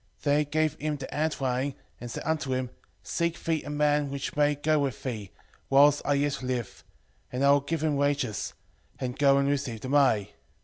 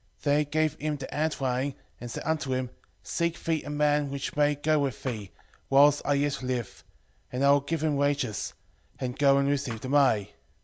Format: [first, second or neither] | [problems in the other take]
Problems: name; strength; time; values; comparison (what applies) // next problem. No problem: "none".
first | background sound (Thump, thud); 17 dB below the speech